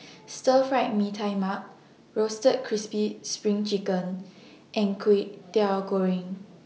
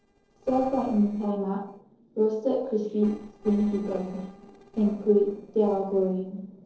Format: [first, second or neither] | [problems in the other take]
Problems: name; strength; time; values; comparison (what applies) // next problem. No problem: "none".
first | noise reduction (neural separator model SepFormer DNS4)